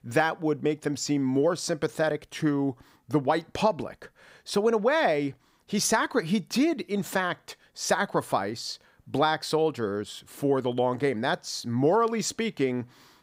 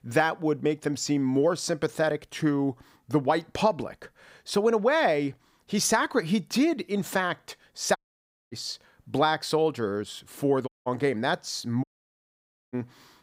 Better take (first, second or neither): first